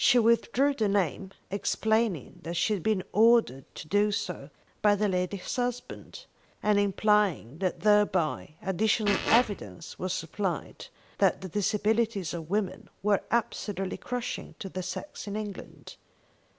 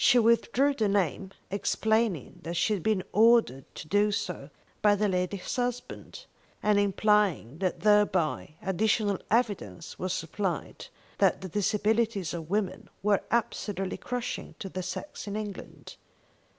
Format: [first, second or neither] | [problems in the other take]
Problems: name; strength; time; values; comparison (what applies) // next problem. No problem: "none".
second | background sound (Fart); 2 dB below the speech